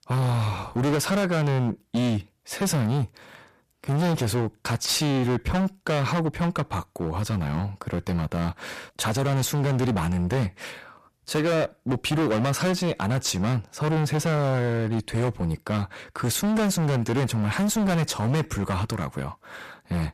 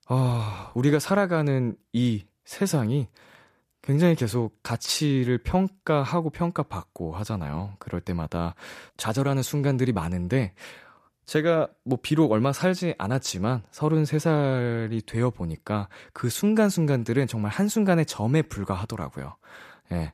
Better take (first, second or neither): second